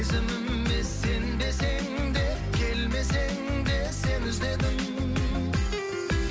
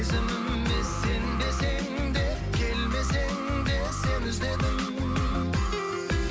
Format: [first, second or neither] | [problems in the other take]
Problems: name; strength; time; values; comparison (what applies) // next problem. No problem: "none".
first | background sound (Alarm + Wind instrument, woodwind instrument); 11 dB below the speech